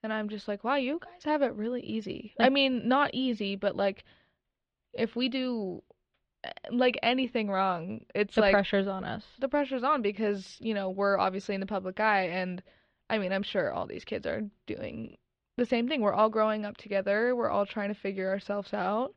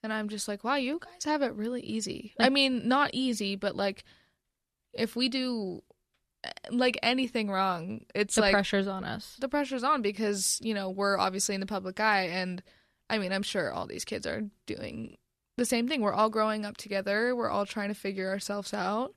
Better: second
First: muffled; slightly; fading above 3.5 kHz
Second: none

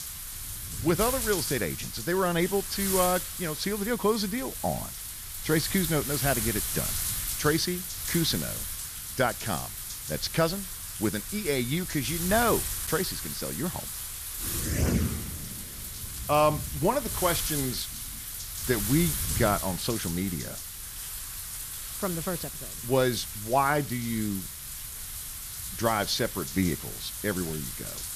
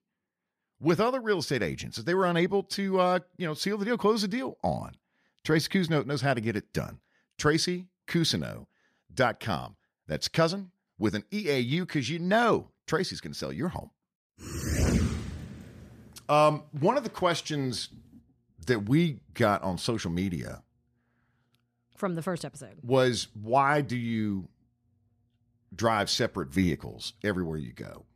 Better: second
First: wind noise on the microphone; heavy; 7 dB below the speech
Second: none

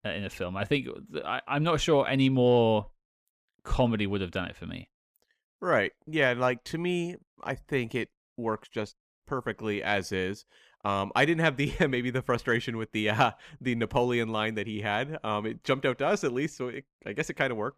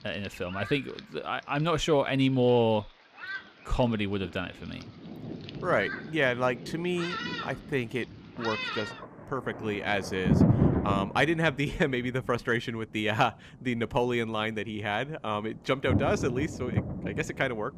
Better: first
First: none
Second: rain or running water; loud; throughout; 3 dB below the speech

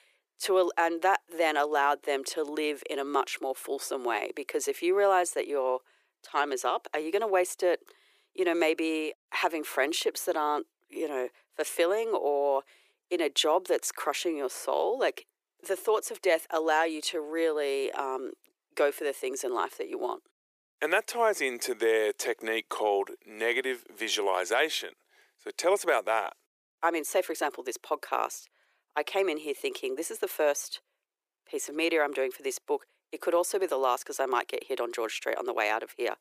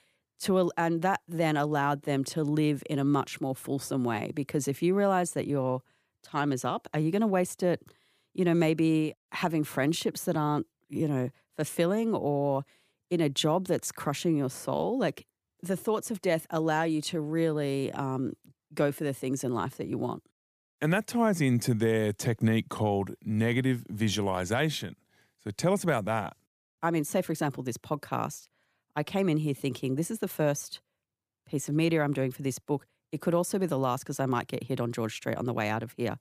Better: second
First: thin; very; fading below 350 Hz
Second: none

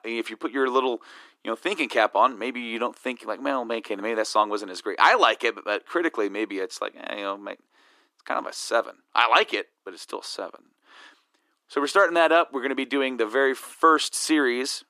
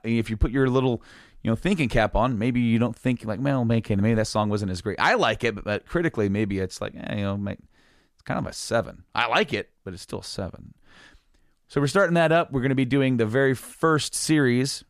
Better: second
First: thin; somewhat; fading below 300 Hz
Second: none

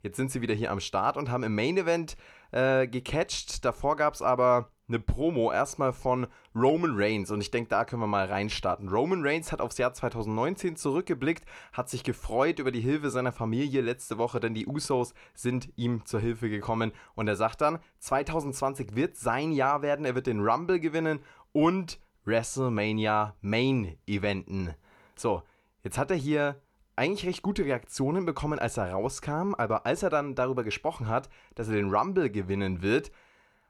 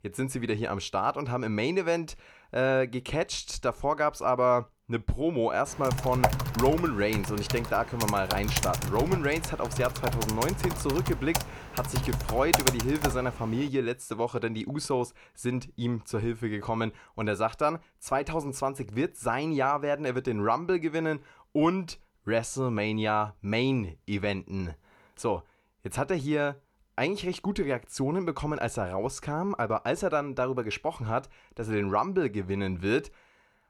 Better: first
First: none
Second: keyboard typing; loud; from 6 to 13 s; peak 5 dB above the speech

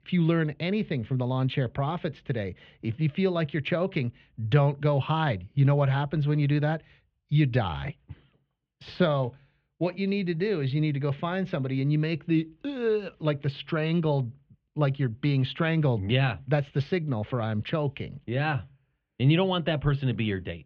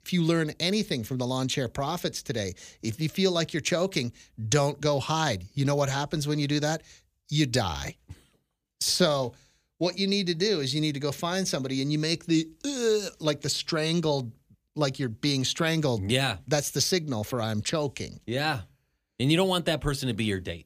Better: second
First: muffled; very; fading above 3 kHz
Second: none

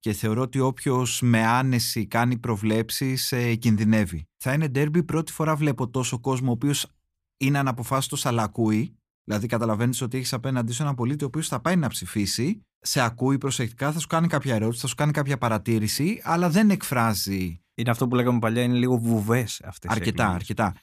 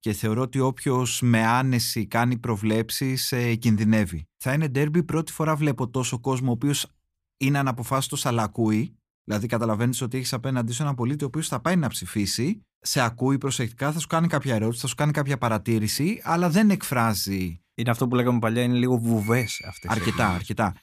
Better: first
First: none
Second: door banging; noticeable; from 19 s on; peak 8 dB below the speech

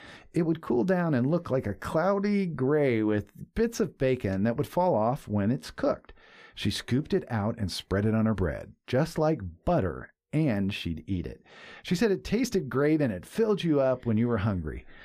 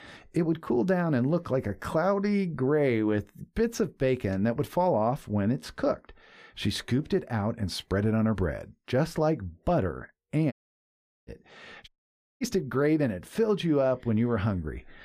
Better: first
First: none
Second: audio cutting out; at 11 s for 1 s and at 12 s for 0.5 s

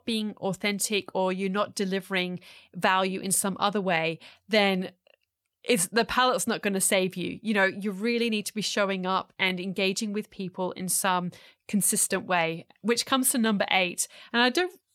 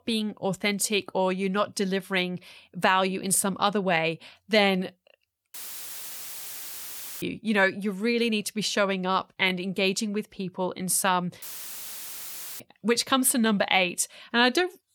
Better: first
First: none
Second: audio cutting out; filled with static; at 5.5 s for 1.5 s and at 11 s for 1 s

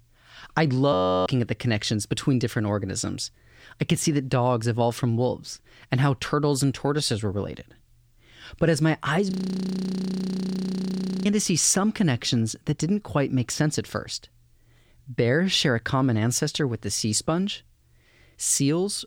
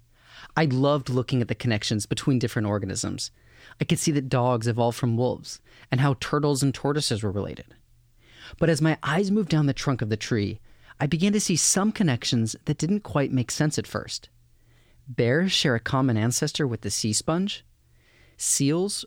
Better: second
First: audio freezing; at 1 s and at 9.5 s for 2 s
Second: none

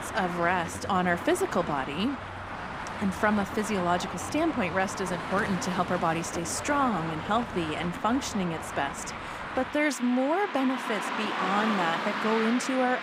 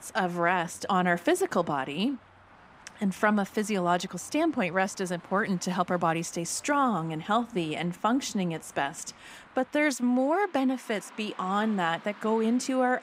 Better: second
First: traffic noise; loud; throughout; 6 dB below the speech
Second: traffic noise; faint; throughout; 25 dB below the speech

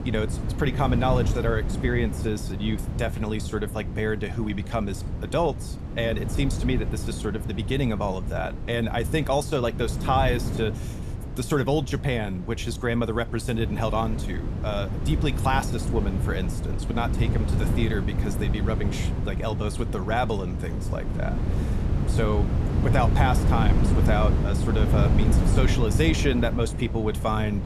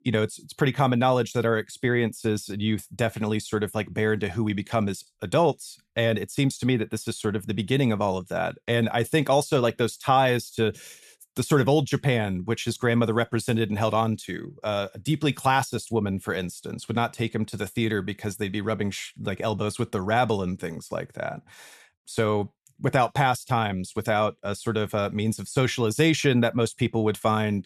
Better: second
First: wind noise on the microphone; heavy; 8 dB below the speech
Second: none

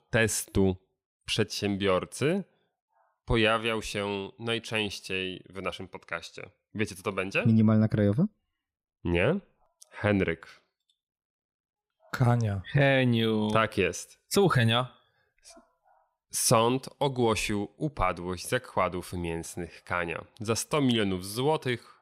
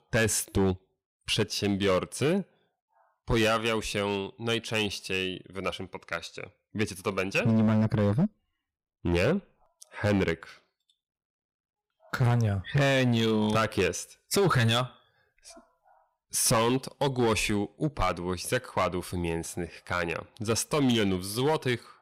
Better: first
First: none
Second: distortion; slight; 7% of the sound clipped

